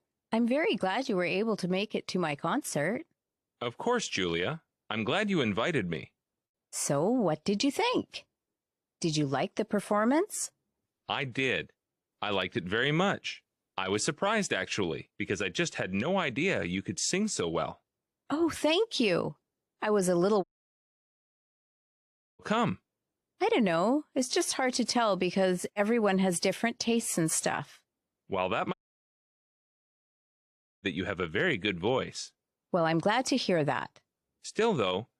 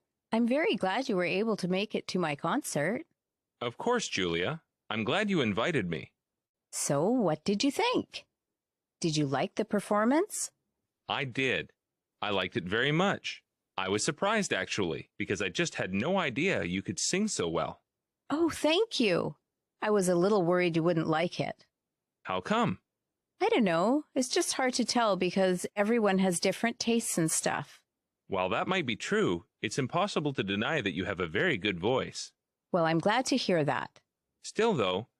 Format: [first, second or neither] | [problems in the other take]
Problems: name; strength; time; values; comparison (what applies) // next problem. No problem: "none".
second | audio cutting out; at 20 s for 2 s and at 29 s for 2 s